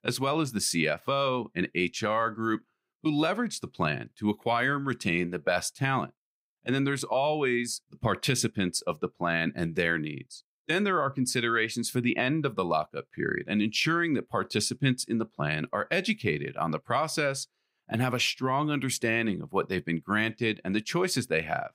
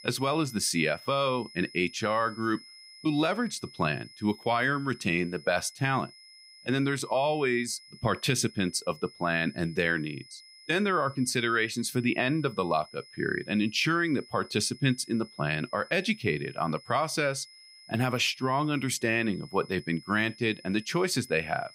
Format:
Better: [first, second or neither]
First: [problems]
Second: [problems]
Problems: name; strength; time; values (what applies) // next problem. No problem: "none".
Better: first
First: none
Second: high-pitched whine; faint; throughout; 5 kHz, 20 dB below the speech